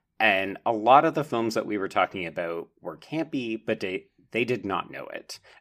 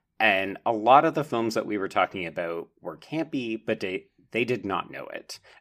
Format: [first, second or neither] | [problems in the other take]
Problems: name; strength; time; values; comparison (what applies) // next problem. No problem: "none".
neither | none